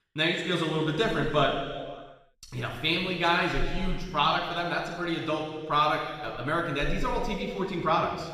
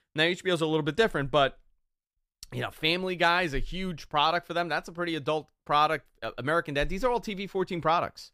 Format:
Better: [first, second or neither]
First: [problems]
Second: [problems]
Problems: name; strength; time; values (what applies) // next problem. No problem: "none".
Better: second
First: room echo; noticeable; dies away in 1.6 s // off-mic speech; far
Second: none